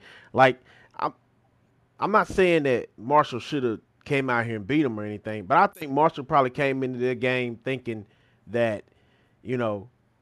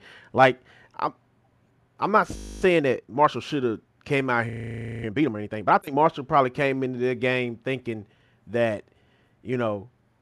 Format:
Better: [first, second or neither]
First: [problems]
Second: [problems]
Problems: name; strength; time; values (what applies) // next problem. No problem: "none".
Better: first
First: none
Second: audio freezing; at 2.5 s and at 4.5 s for 0.5 s